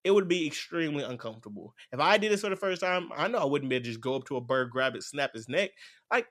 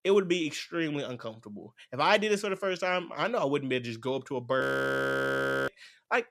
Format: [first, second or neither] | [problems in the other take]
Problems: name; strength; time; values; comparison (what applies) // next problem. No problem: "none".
first | audio freezing; at 4.5 s for 1 s